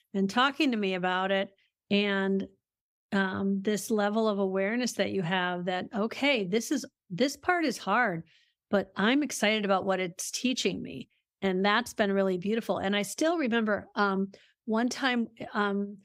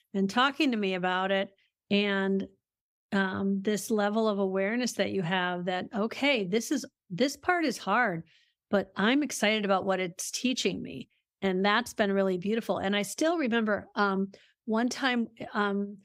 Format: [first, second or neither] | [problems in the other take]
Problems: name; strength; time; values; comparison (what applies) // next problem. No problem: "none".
neither | none